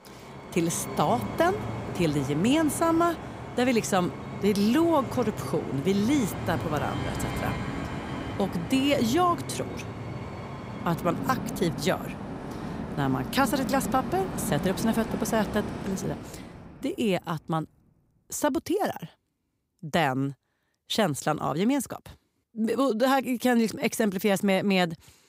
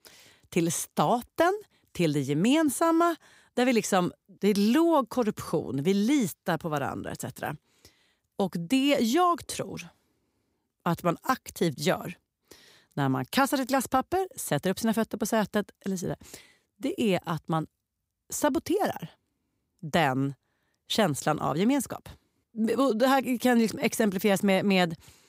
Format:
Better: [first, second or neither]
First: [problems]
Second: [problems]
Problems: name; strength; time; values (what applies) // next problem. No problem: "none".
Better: second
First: train or aircraft noise; loud; until 16 s; 8 dB below the speech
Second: none